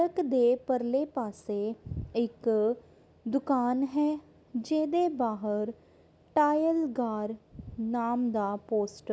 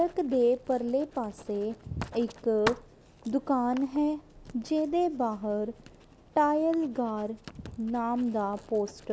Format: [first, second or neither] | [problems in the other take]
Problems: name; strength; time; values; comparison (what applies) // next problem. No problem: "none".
first | background sound (Writing); 16 dB below the speech